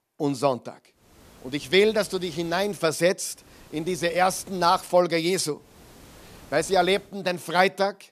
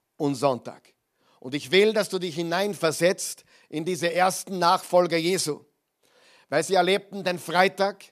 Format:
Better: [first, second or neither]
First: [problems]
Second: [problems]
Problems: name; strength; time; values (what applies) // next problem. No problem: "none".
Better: second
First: hiss; faint; from 1 to 2.5 s, from 3.5 to 5 s and from 5.5 to 7 s; 25 dB below the speech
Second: none